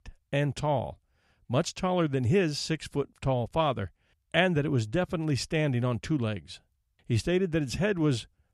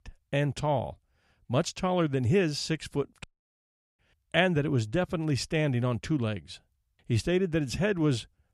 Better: first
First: none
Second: audio cutting out; at 3 s for 1 s

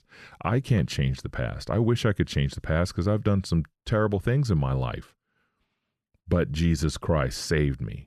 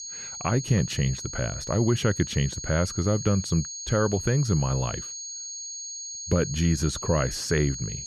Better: first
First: none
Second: high-pitched whine; loud; throughout; 6.5 kHz, 8 dB below the speech

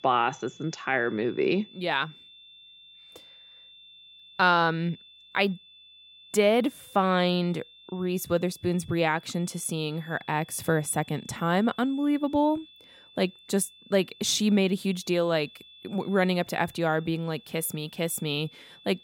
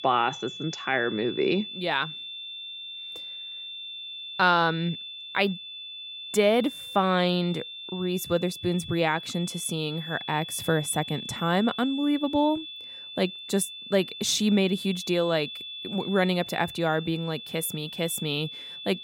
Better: first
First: high-pitched whine; faint; throughout; 3.5 kHz, 25 dB below the speech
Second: high-pitched whine; loud; throughout; 3.5 kHz, 10 dB below the speech

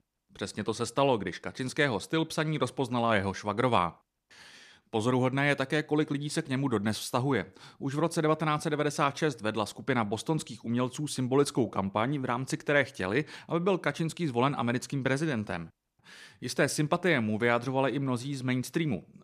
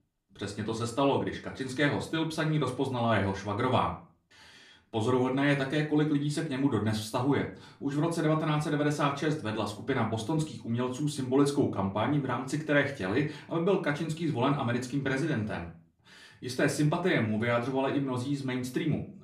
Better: first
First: none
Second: off-mic speech; far // room echo; very slight; dies away in 0.3 s

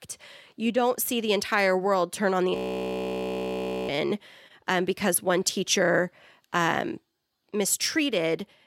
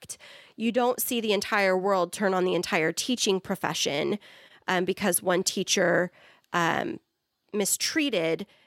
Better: second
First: audio freezing; at 2.5 s for 1.5 s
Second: none

